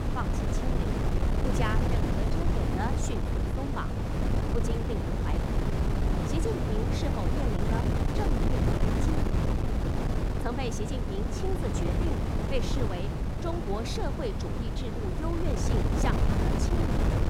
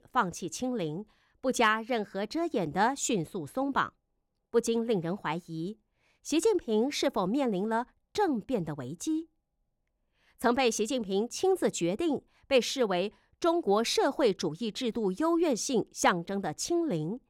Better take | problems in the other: second | wind noise on the microphone; heavy; 2 dB above the speech

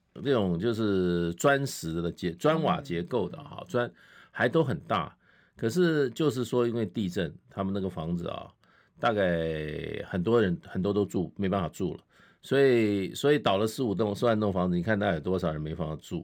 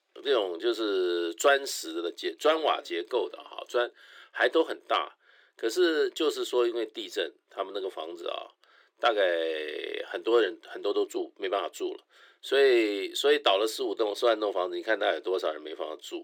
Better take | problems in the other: first | thin; very; fading below 350 Hz

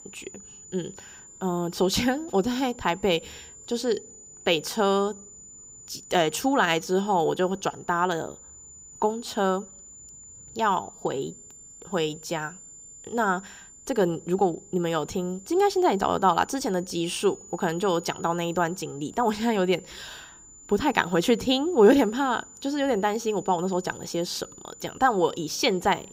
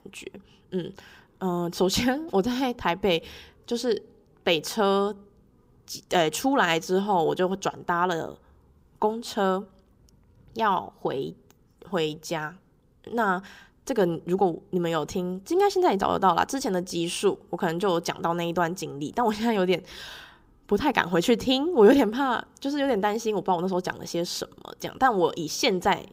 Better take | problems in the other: second | high-pitched whine; noticeable; throughout; 7 kHz, 20 dB below the speech

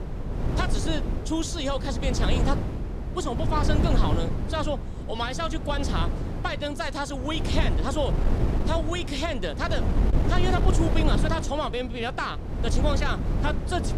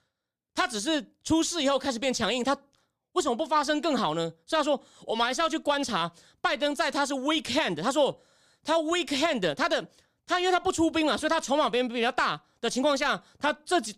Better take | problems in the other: second | wind noise on the microphone; heavy; 6 dB below the speech

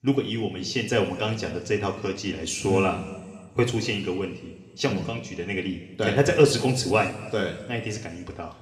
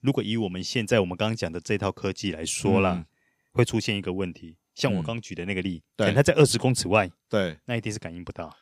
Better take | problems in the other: second | room echo; slight; dies away in 1.8 s // off-mic speech; somewhat distant

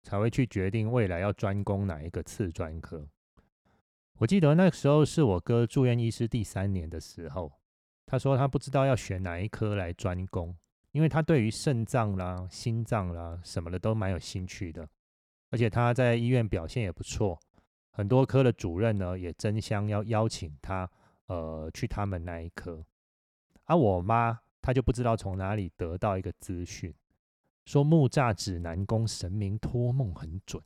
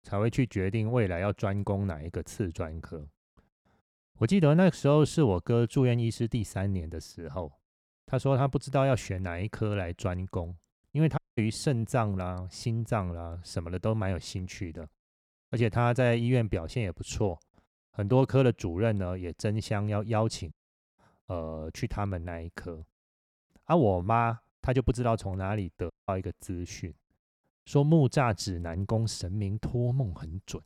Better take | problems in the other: first | audio cutting out; at 11 s, at 21 s and at 26 s

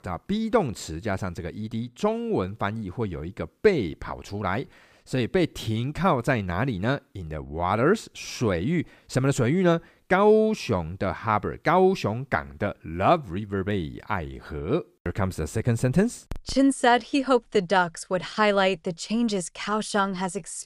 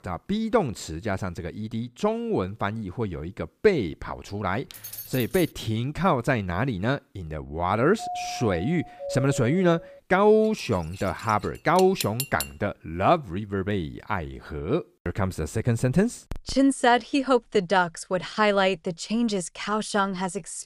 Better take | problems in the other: first | jangling keys; faint; at 4.5 s; peak 10 dB below the speech // doorbell; noticeable; from 8 to 10 s; peak 7 dB below the speech // clattering dishes; noticeable; from 11 to 12 s; peak 5 dB below the speech

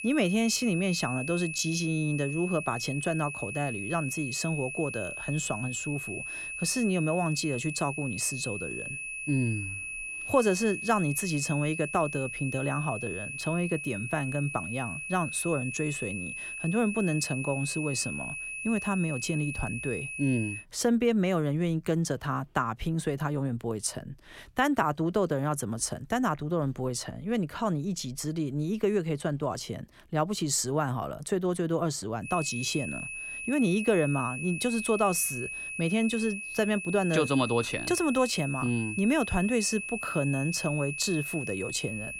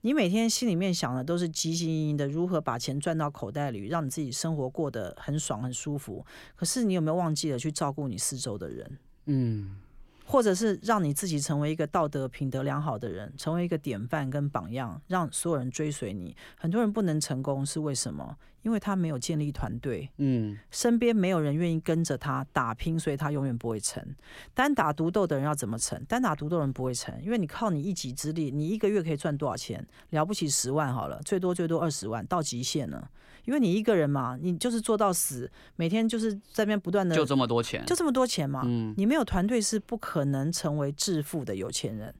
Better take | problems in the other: second | high-pitched whine; loud; until 21 s and from 32 s on; 2.5 kHz, 6 dB below the speech

